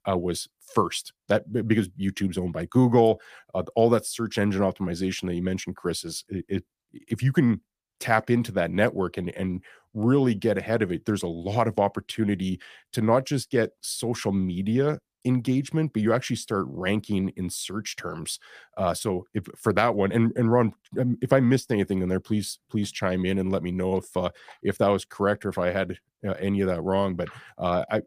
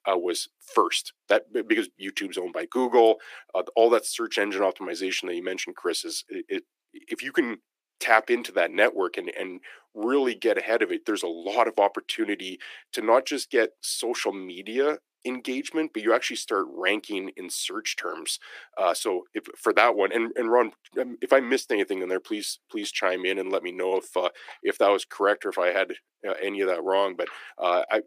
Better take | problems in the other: first | thin; somewhat; fading below 300 Hz

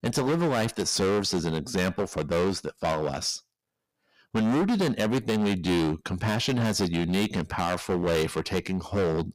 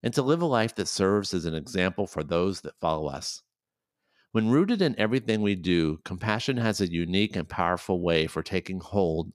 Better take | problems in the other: second | distortion; heavy; 17% of the sound clipped

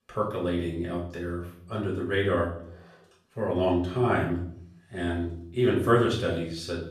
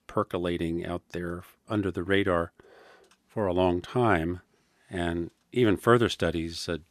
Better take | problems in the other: second | room echo; noticeable; dies away in 0.5 s // off-mic speech; far

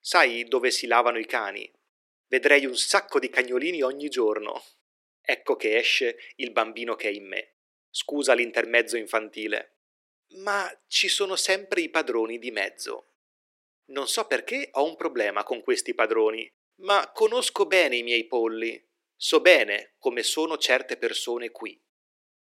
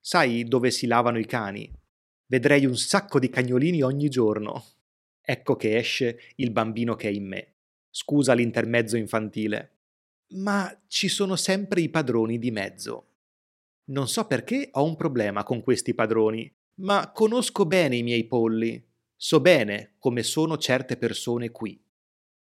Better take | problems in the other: second | thin; very; fading below 350 Hz

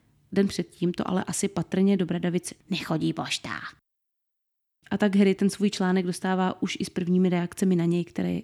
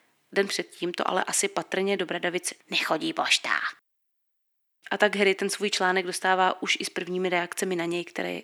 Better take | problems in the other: first | thin; very; fading below 550 Hz

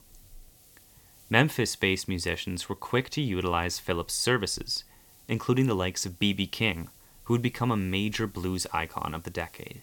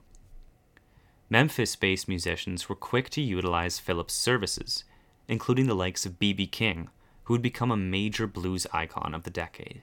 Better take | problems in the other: second | hiss; faint; throughout; 25 dB below the speech

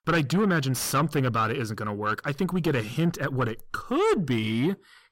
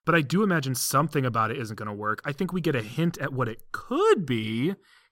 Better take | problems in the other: second | distortion; slight; 10 dB below the speech

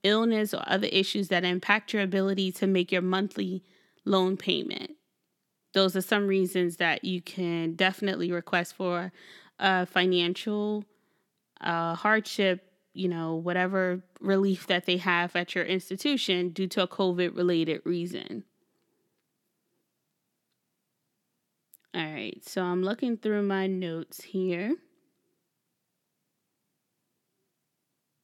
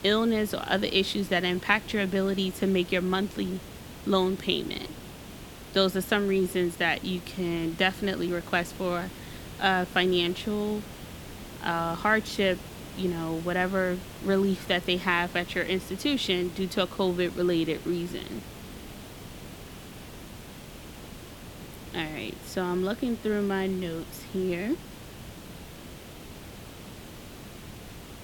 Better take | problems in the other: first | hiss; noticeable; throughout; 15 dB below the speech

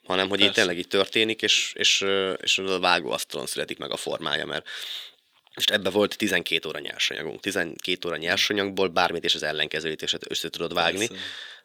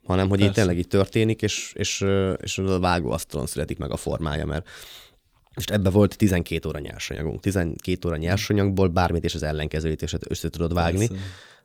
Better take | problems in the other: second | thin; somewhat; fading below 350 Hz

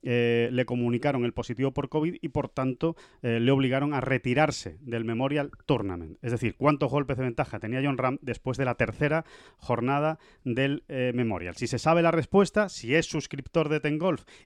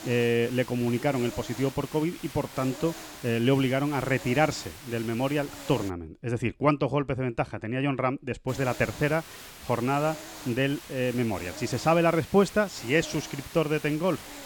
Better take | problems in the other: first | hiss; noticeable; until 6 s and from 8.5 s on; 15 dB below the speech

